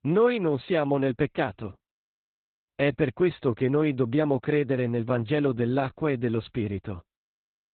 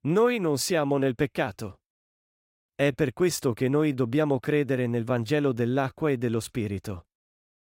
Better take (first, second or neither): second